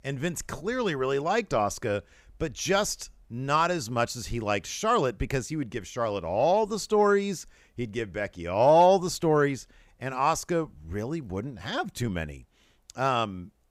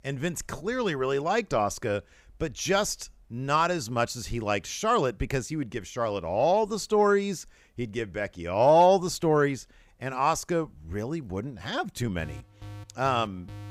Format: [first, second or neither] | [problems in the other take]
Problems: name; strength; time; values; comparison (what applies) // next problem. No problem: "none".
first | alarm; faint; from 12 s on; peak 15 dB below the speech